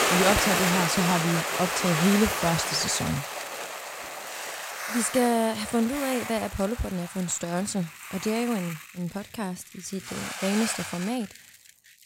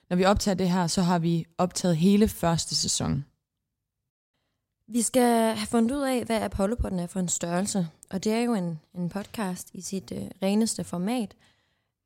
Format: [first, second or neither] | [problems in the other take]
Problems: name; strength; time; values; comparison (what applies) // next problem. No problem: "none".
second | hiss; loud; throughout; 1 dB below the speech